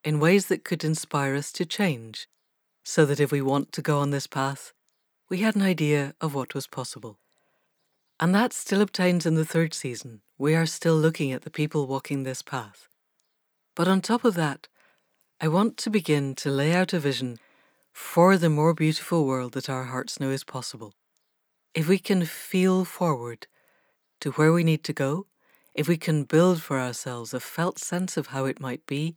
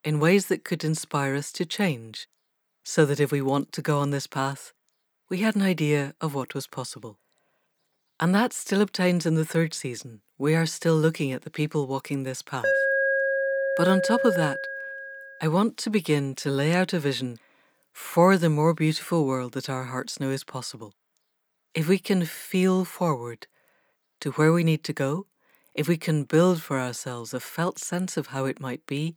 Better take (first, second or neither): first